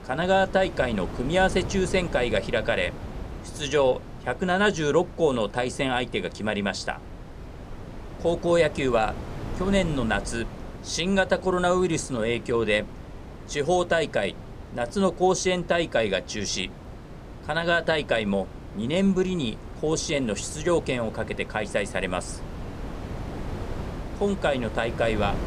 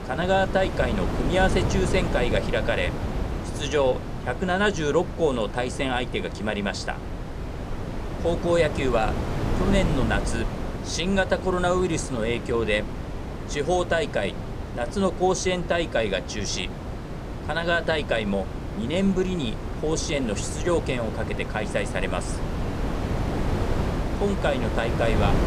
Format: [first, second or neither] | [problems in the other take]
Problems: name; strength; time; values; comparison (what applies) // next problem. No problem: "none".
first | wind noise on the microphone; heavy; 9 dB below the speech; occasional gusts in the first